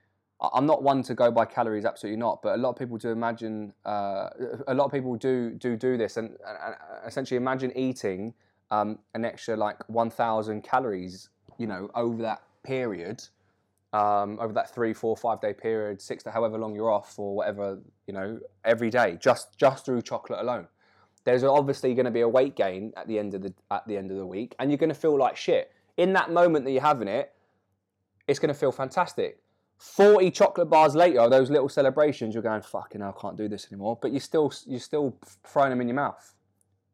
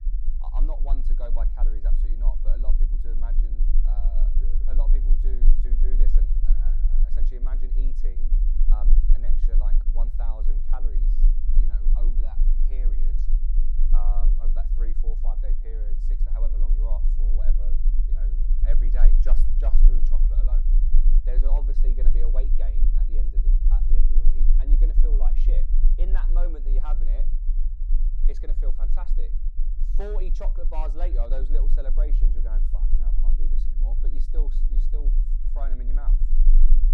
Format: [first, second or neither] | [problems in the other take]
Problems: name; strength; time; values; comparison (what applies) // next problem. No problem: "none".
first | low rumble; loud; throughout; 7 dB below the speech